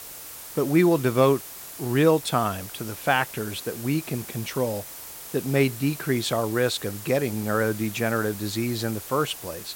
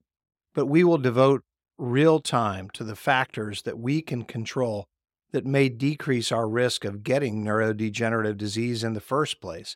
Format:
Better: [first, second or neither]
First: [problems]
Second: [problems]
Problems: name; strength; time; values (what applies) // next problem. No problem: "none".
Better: second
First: hiss; noticeable; throughout; 10 dB below the speech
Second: none